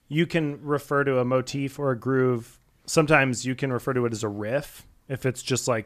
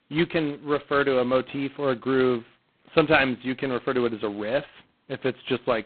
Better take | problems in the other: first | phone-call audio; poor line; nothing above 4 kHz

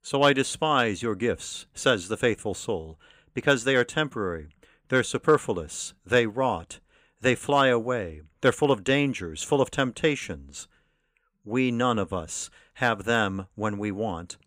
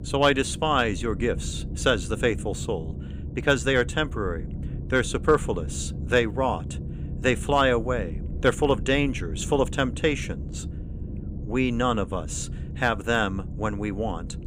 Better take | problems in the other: first | low rumble; noticeable; throughout; 20 dB below the speech

